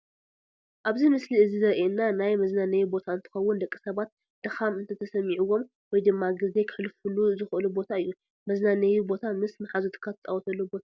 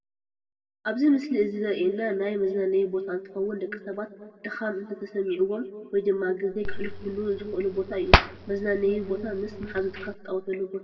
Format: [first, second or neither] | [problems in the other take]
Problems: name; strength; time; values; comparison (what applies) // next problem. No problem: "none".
first | background sound (Hands); 1 dB below the speech // room echo; dies away in 1.6 s